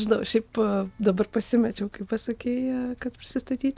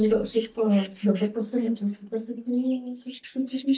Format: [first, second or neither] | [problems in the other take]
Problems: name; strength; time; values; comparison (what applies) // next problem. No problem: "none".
first | noise reduction (neural mask model DeepFilterNet 3)